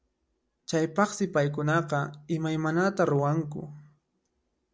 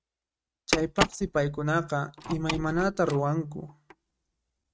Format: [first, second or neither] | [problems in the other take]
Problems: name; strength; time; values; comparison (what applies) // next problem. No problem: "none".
first | noise reduction (neural mask model RNNoise)